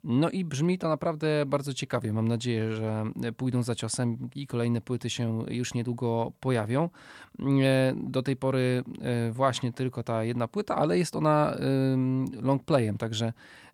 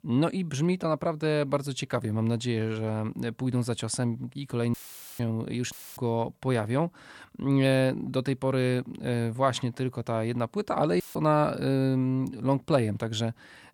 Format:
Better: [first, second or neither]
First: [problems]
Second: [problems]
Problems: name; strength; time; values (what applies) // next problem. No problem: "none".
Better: first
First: none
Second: audio cutting out; filled with static; at 4.5 s, at 5.5 s and at 11 s